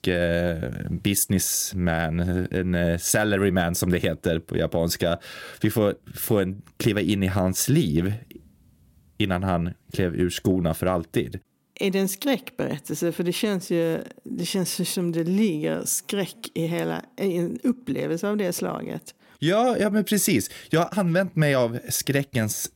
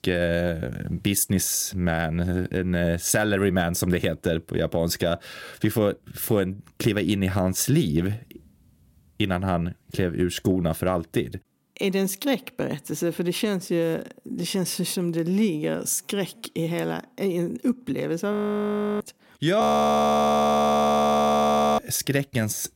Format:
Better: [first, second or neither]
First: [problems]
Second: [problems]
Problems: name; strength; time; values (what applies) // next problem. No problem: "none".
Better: first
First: none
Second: audio freezing; at 18 s for 0.5 s and at 20 s for 2 s